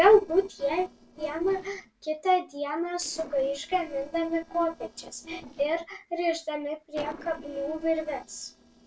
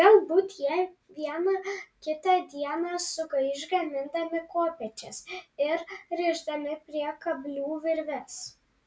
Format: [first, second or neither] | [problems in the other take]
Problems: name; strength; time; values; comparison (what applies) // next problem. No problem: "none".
second | noise reduction (neural separator model SepFormer DNS4)